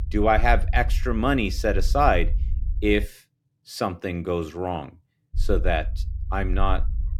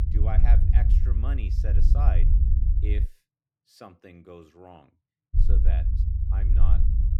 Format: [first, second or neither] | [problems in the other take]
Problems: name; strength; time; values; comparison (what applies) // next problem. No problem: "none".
first | low rumble; loud; until 3 s and from 5.5 s on; 1 dB below the speech; faint in the first